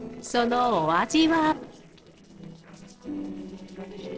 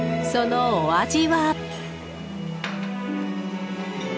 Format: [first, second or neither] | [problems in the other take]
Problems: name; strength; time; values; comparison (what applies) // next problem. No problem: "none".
second | noise reduction (neural separator model SepFormer DNS4)